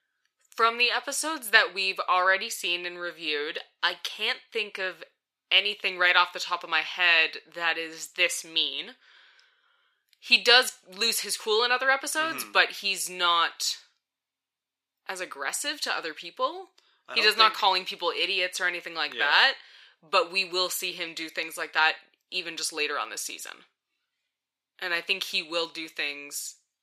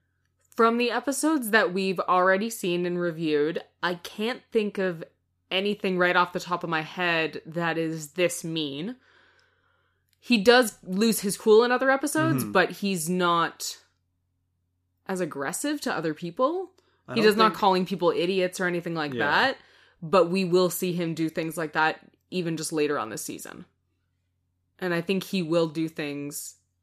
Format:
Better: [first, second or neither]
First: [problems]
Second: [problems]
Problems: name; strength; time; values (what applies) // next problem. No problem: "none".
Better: second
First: thin; very; fading below 650 Hz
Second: none